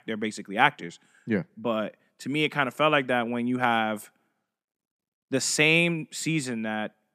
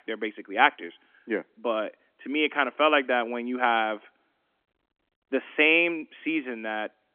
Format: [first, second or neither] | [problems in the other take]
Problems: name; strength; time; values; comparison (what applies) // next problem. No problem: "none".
first | phone-call audio; nothing above 3.5 kHz